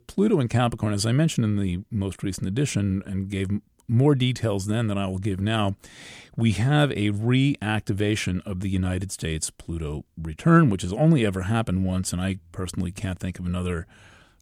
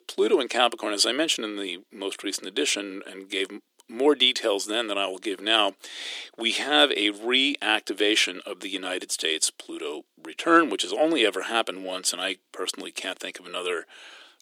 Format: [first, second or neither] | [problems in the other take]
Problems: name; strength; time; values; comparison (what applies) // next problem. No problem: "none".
first | thin; very; fading below 300 Hz